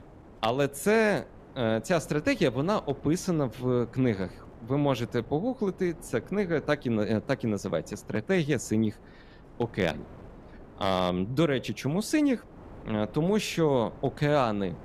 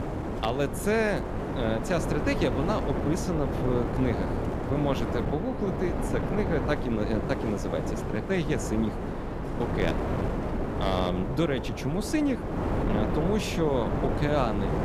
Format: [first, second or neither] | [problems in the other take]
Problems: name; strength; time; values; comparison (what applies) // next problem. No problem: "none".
first | wind noise on the microphone; heavy; 3 dB below the speech; occasional gusts in the first